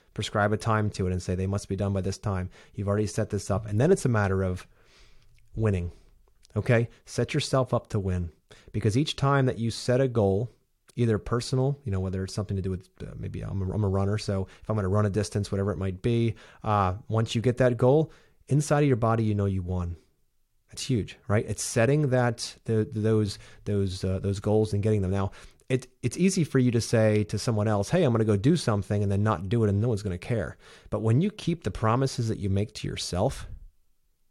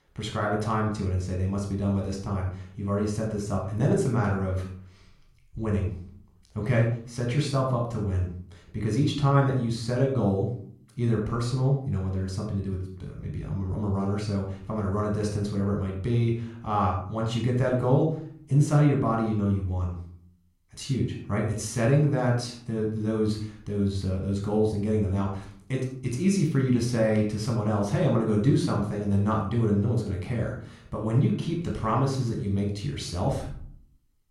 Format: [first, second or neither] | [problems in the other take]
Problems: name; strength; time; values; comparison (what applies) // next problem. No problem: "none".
first | off-mic speech; somewhat distant // room echo; noticeable; dies away in 0.5 s